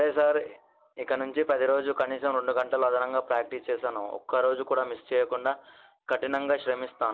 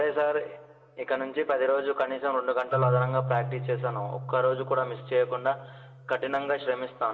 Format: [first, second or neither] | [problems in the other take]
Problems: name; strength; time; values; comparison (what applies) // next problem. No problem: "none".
first | background sound (Marimba, xylophone); 9 dB below the speech // room echo; dies away in 1.8 s